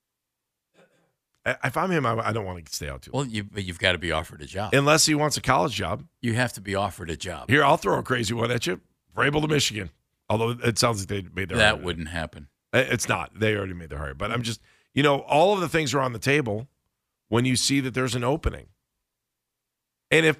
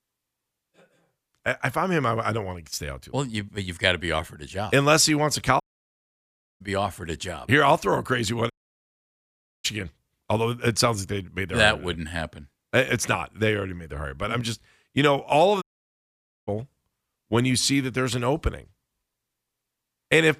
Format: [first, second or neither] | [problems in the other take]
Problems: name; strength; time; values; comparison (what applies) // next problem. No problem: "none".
first | audio cutting out; at 5.5 s for 1 s, at 8.5 s for 1 s and at 16 s for 1 s